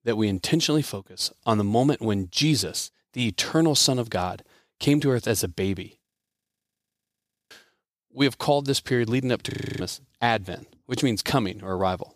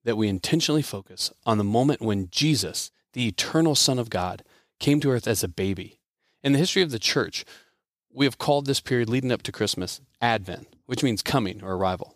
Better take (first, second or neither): second